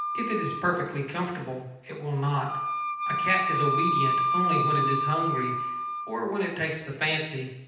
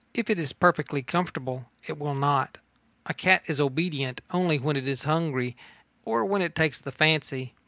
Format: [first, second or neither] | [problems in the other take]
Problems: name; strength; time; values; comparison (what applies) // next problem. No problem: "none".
second | background sound (Wind instrument, woodwind instrument); as loud as the speech // room echo; dies away in 0.9 s